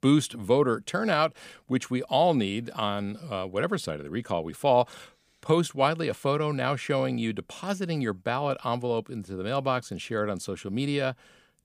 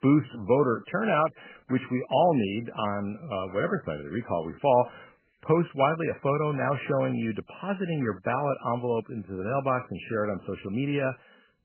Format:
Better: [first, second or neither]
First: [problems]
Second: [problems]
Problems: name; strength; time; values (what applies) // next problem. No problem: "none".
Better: first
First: none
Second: garbled, watery; badly; nothing above 3 kHz